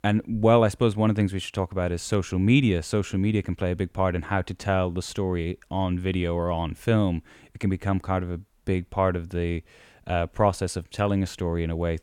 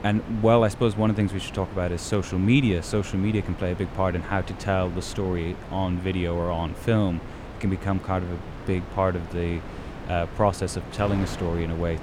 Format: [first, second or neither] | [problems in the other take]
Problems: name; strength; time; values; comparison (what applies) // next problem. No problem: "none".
first | wind noise on the microphone; occasional gusts; 15 dB below the speech